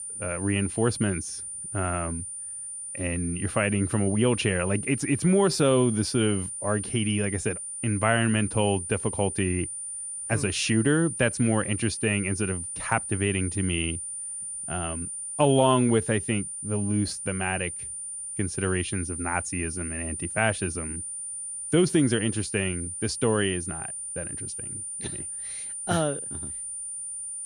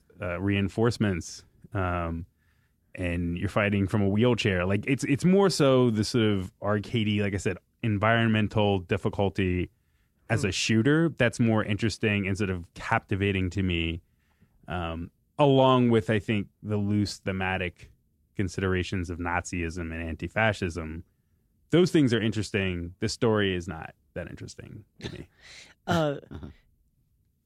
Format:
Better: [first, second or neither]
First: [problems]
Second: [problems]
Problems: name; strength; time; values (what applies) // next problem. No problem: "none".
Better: second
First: high-pitched whine; loud; throughout; 9 kHz, 6 dB below the speech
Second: none